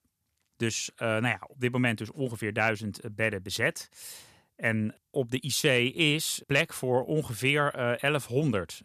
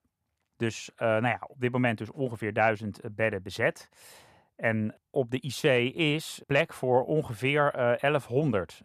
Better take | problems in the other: first | muffled; slightly; fading above 3 kHz

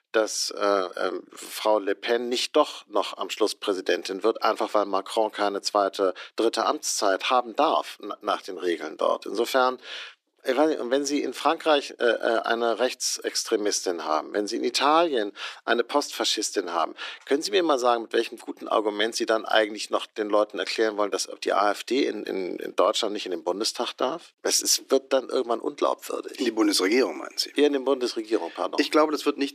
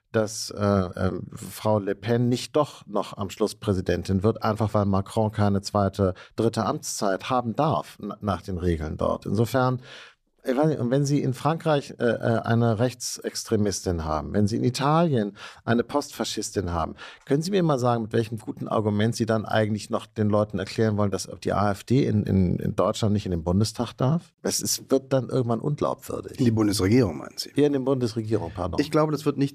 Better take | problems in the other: second | thin; somewhat; fading below 300 Hz

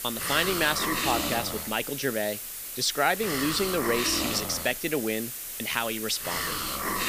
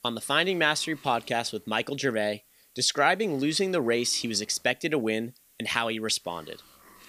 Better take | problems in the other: second | hiss; loud; throughout; 2 dB below the speech; faint in the second

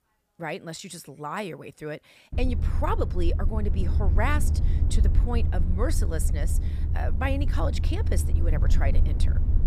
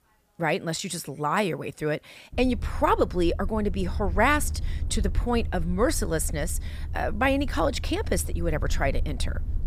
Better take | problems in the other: second | low rumble; loud; from 2.5 s on; 9 dB below the speech; faint in the second

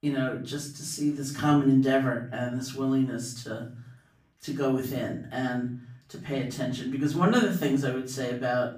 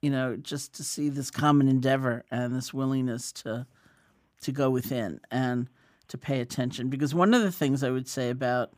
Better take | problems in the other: second | room echo; slight; dies away in 0.4 s // off-mic speech; far

